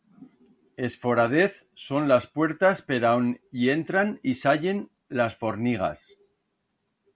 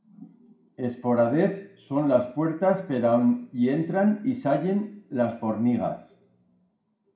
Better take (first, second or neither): first